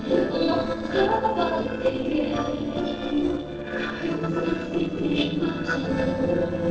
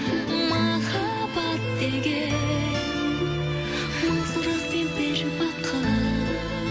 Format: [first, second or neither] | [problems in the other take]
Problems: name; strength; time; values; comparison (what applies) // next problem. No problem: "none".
second | noise reduction (neural separator model SepFormer DNS4)